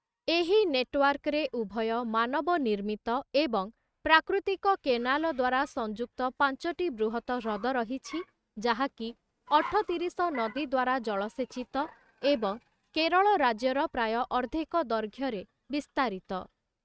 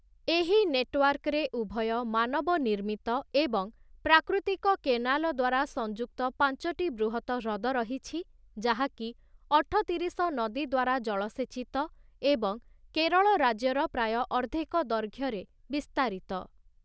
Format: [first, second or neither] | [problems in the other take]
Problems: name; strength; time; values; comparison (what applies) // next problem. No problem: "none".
second | noise reduction (neural mask model RNNoise)